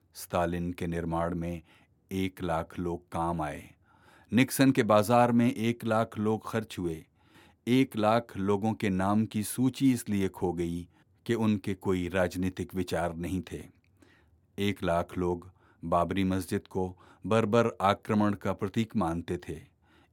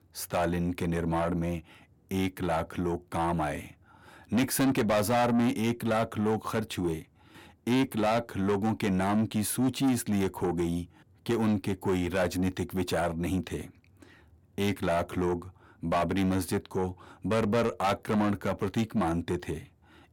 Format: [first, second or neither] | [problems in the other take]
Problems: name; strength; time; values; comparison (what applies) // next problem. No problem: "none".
first | distortion; heavy; 8 dB below the speech